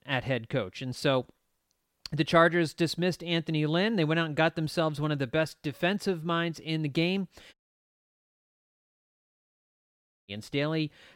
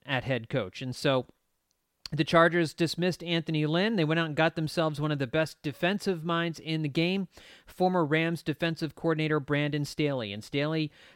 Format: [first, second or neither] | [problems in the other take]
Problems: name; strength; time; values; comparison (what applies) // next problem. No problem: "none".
second | audio cutting out; at 7.5 s for 2.5 s